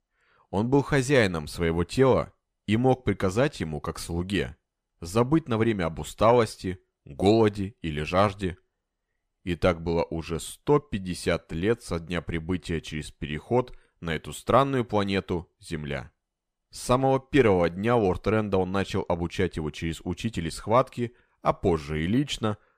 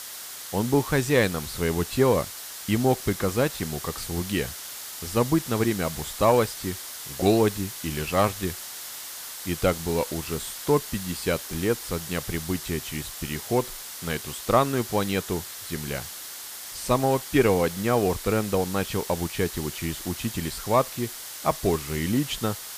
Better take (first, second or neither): first